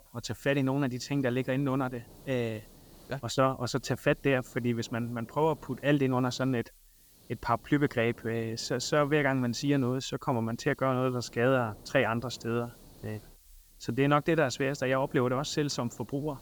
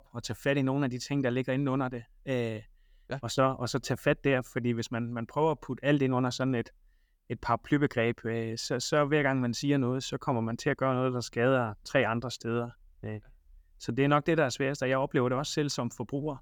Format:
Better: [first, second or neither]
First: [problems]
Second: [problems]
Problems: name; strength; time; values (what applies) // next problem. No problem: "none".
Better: second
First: hiss; faint; throughout; 25 dB below the speech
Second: none